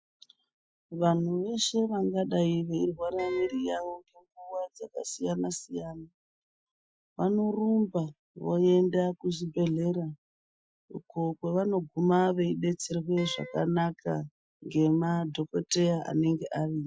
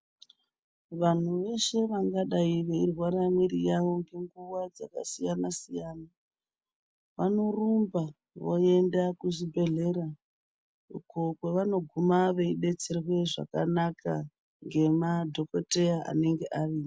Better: second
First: noise reduction (classical method Wiener filter)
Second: none

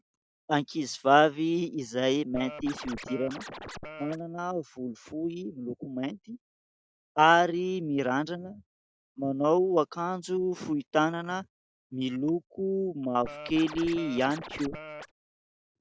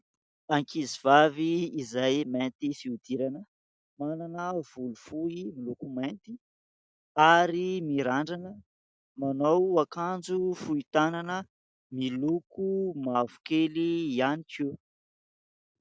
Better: second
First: background sound (Scratching (performance technique)); 12 dB below the speech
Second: none

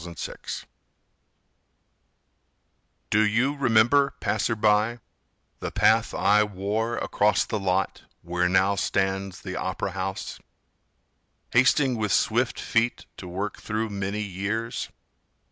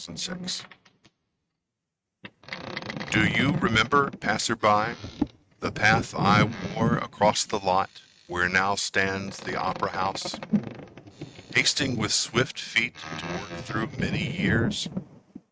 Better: first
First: none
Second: noise reduction (neural mask model RNNoise)

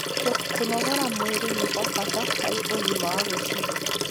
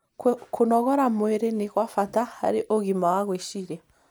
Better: second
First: background sound (Liquid); 4 dB above the speech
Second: none

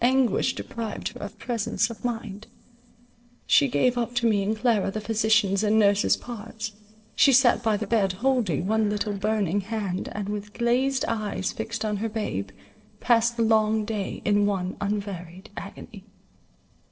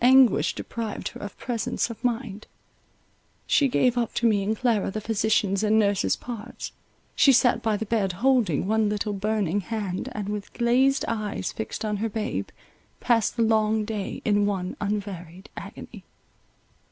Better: second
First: noise reduction (neural separator model SepFormer DNS4)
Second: none

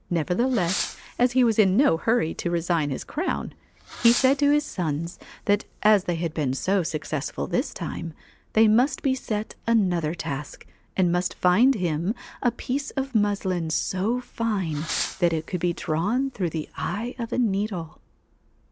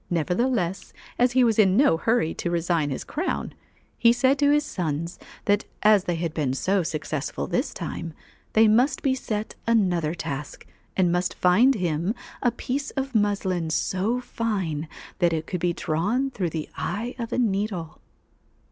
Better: second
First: background sound (Fireworks); 14 dB below the speech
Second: none

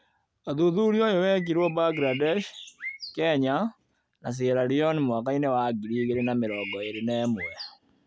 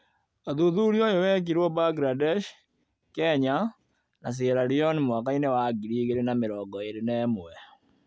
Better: second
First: background sound (Bird); 13 dB below the speech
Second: none

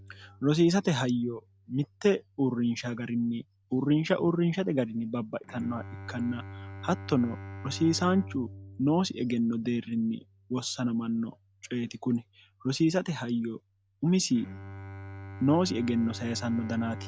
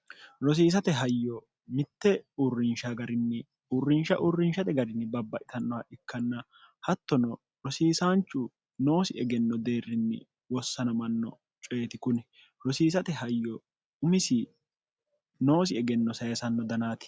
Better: second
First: background sound (Bowed string instrument); 16 dB below the speech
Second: none

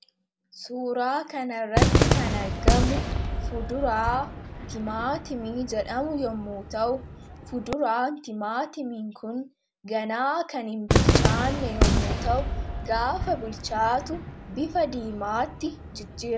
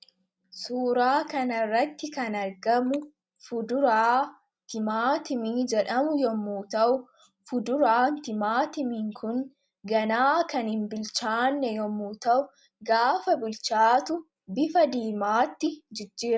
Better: second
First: background sound (Cheering / Fireworks); 2 dB above the speech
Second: none

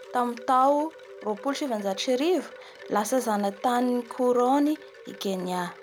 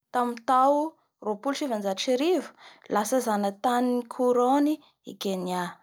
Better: second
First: background sound (Wind chime); 20 dB below the speech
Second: none

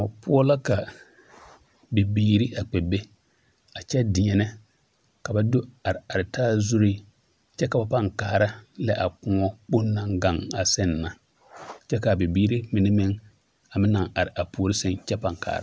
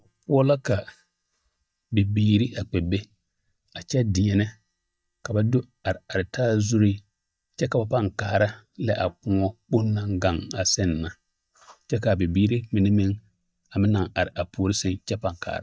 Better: first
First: none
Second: noise reduction (neural mask model DeepFilterNet 3)

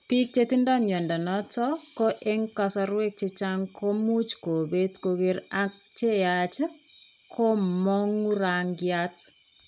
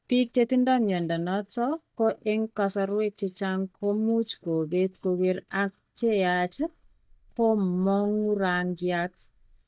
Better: first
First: none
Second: noise reduction (neural mask model DeepFilterNet 3)

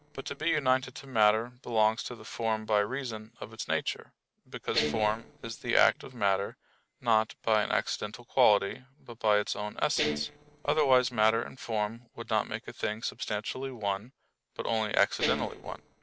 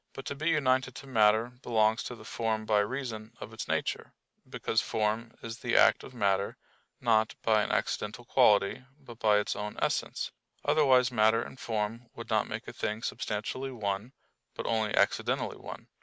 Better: second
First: noise reduction (neural separator model SepFormer DNS4)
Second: none

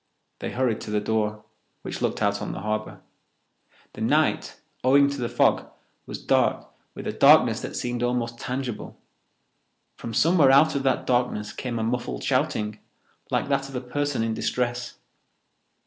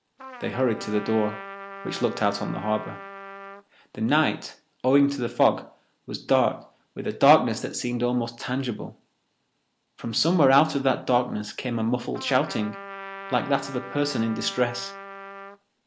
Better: first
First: none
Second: background sound (Trumpet); 14 dB below the speech

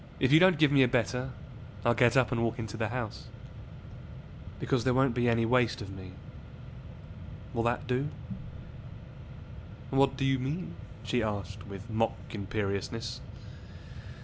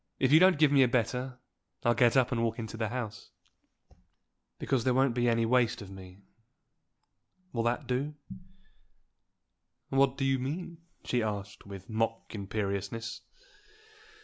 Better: second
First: background sound (Mechanisms); 11 dB below the speech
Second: none

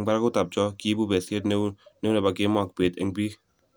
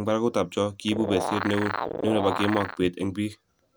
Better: first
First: none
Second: background sound (Animal); 4 dB below the speech

